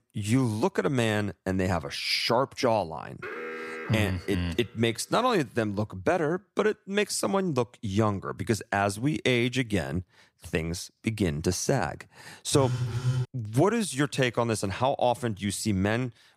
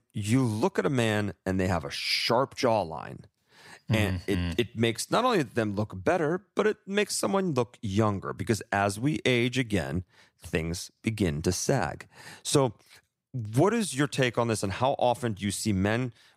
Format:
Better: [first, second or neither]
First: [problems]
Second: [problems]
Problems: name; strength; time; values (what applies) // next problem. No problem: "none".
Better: second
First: alarm; noticeable; from 3 to 4.5 s; peak 8 dB below the speech // phone ringing; noticeable; at 13 s; peak 1 dB below the speech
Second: none